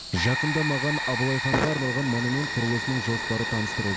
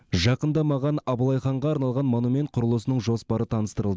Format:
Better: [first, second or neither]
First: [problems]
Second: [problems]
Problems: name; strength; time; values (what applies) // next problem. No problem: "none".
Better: second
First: background sound (Fire); 2 dB below the speech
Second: none